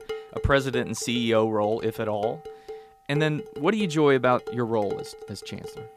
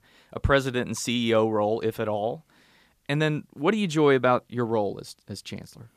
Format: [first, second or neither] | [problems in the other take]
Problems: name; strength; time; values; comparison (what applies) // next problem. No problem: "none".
second | clattering dishes; noticeable; peak 9 dB below the speech